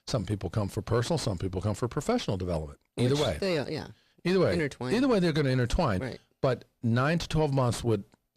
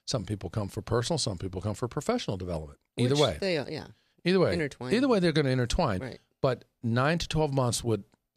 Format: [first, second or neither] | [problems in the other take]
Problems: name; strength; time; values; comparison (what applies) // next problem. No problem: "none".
second | distortion; slight; 10 dB below the speech